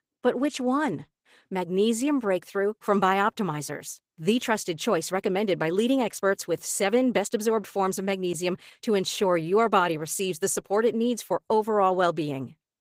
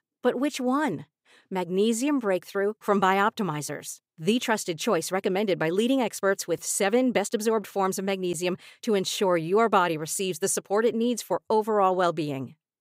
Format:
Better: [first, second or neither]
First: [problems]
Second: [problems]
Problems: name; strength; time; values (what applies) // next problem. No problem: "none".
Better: second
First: garbled, watery; slightly; nothing above 15.5 kHz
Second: none